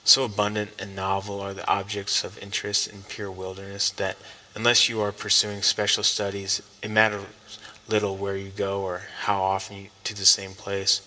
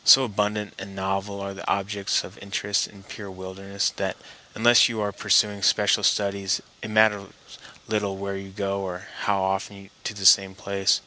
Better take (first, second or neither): second